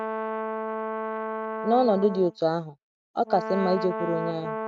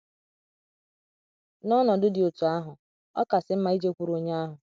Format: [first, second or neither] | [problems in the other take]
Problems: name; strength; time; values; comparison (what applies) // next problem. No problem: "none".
second | noise reduction (neural mask model RNNoise)